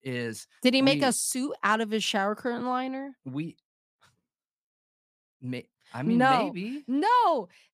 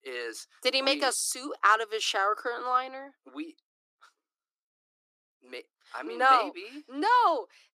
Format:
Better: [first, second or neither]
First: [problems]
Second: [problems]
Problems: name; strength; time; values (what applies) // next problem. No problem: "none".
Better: first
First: none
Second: thin; very; fading below 300 Hz